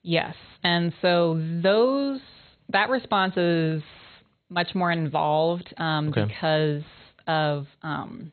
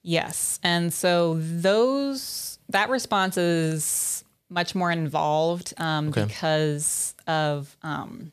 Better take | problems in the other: second | garbled, watery; badly; nothing above 4 kHz

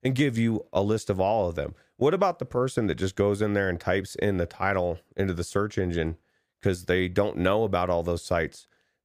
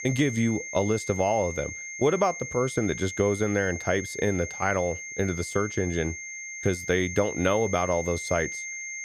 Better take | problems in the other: first | high-pitched whine; loud; throughout; 2 kHz, 8 dB below the speech

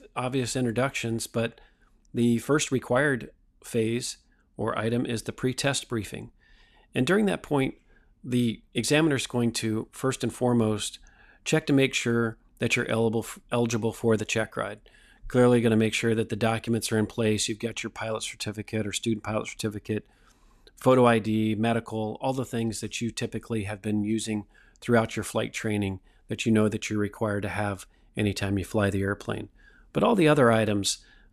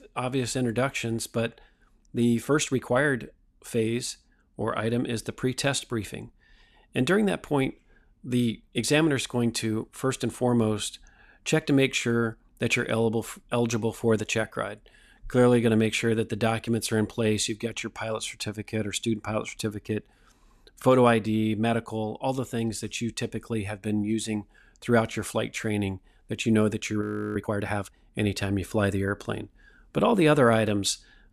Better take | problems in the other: first | audio freezing; at 27 s

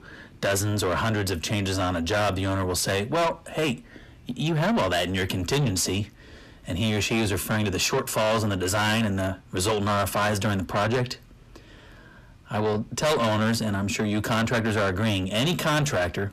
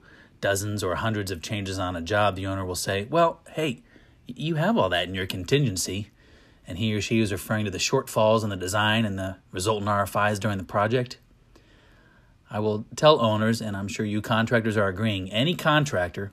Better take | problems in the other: second | distortion; heavy; 6 dB below the speech

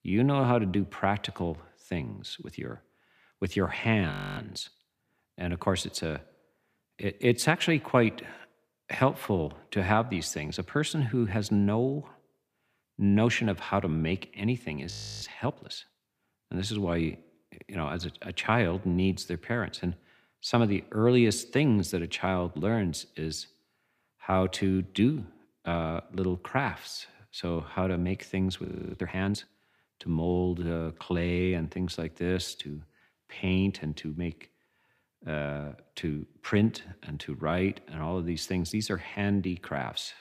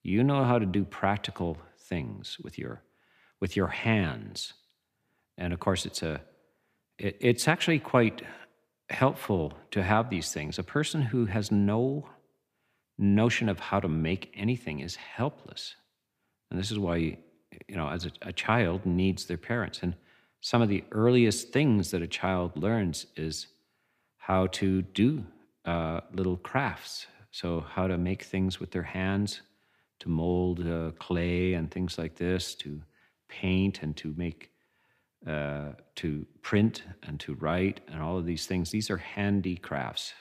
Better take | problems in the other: second | audio freezing; at 4 s, at 15 s and at 29 s

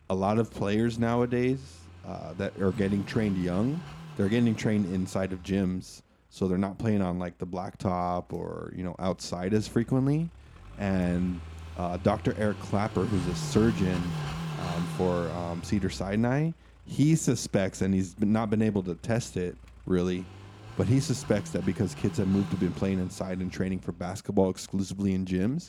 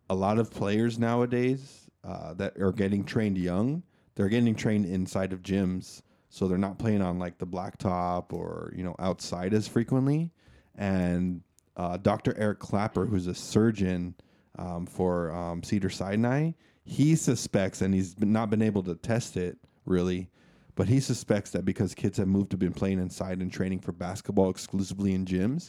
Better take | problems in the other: second | traffic noise; noticeable; throughout; 10 dB below the speech

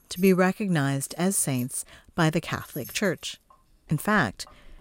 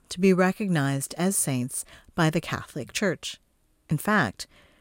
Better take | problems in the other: second | household noises; faint; throughout; 20 dB below the speech

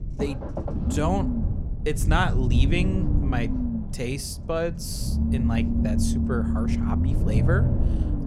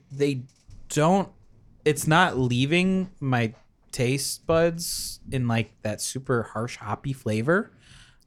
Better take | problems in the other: second | low rumble; loud; throughout; 4 dB below the speech

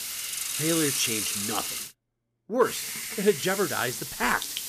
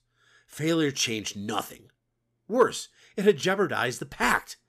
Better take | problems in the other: second | hiss; loud; until 2 s and from 2.5 s on; 2 dB below the speech

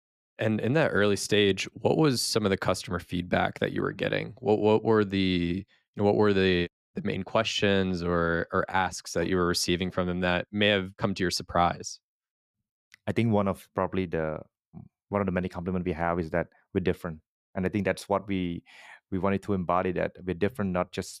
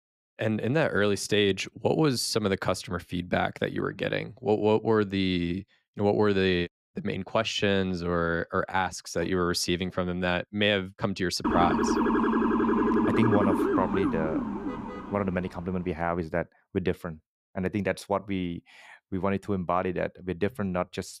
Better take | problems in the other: first | siren; loud; from 11 to 15 s; peak 4 dB above the speech

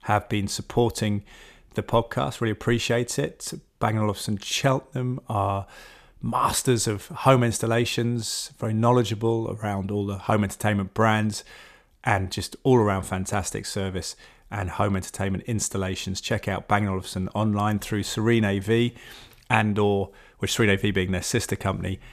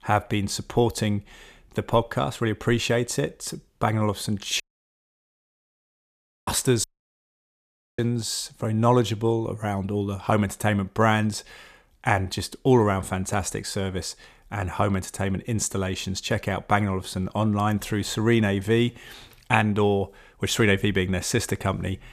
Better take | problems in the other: first | audio cutting out; at 4.5 s for 2 s and at 7 s for 1 s

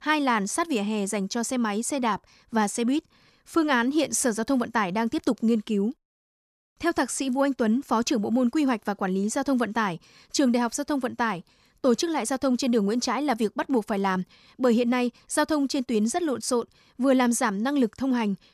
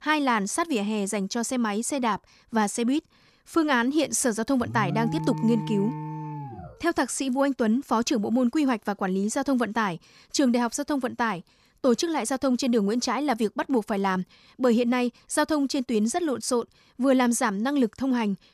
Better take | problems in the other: first | alarm; noticeable; from 4.5 to 6.5 s; peak 5 dB below the speech

